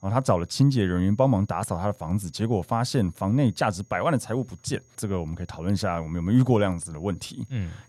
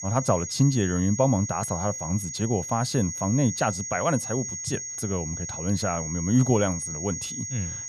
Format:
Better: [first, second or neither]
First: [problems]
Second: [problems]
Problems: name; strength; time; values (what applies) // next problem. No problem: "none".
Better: first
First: high-pitched whine; faint; throughout; 6.5 kHz, 35 dB below the speech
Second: high-pitched whine; loud; throughout; 6.5 kHz, 5 dB below the speech